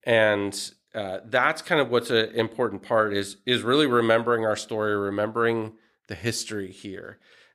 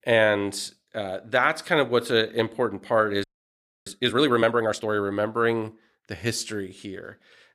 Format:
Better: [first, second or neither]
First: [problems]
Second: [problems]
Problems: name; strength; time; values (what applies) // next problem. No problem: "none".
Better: first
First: none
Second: audio freezing; at 3 s for 0.5 s